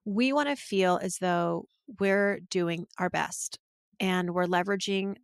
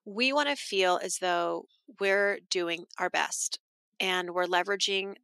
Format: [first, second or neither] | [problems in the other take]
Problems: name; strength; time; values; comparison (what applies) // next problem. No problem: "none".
first | thin; somewhat; fading below 300 Hz